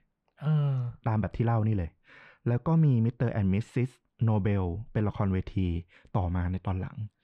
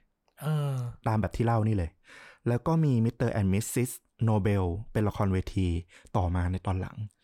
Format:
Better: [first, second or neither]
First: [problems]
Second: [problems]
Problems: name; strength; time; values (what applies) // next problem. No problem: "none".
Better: second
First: muffled; slightly; fading above 3 kHz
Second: none